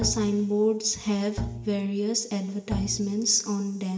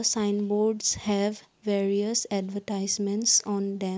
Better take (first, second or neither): second